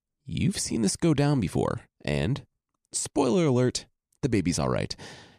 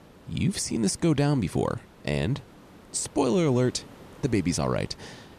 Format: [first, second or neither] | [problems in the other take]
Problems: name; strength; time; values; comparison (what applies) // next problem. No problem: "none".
first | hiss; faint; throughout; 25 dB below the speech